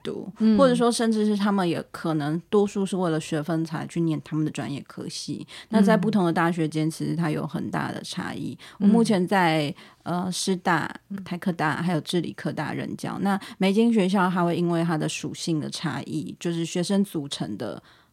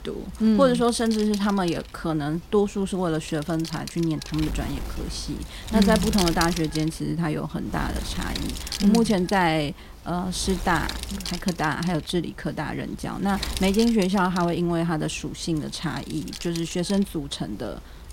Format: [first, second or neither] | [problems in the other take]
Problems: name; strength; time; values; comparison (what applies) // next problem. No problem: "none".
first | wind noise on the microphone; heavy; 8 dB below the speech